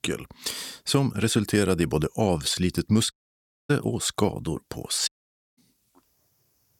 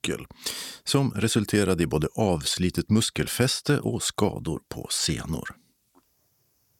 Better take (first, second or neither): second